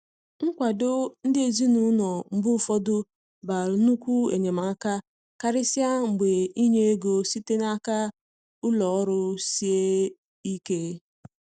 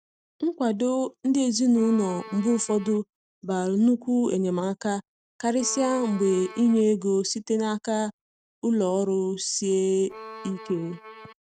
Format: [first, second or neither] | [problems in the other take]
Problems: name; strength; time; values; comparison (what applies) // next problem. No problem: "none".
first | noise reduction (neural mask model RNNoise)